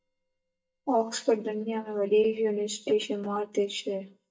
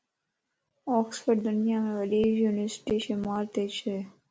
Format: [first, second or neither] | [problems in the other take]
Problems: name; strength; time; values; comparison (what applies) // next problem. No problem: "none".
second | noise reduction (neural mask model DeepFilterNet 3)